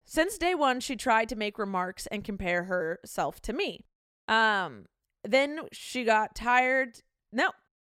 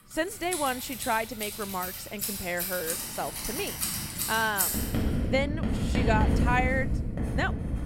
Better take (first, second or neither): first